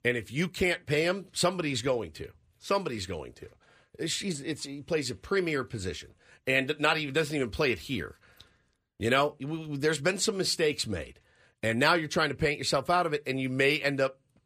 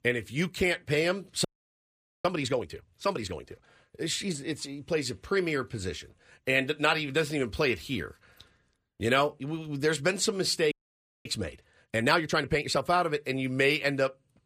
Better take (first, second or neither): first